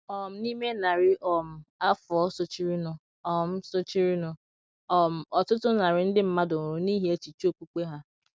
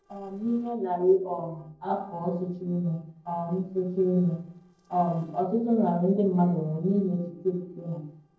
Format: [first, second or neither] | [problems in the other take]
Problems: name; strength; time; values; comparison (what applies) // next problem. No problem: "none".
first | noise reduction (neural separator model SepFormer DNS4)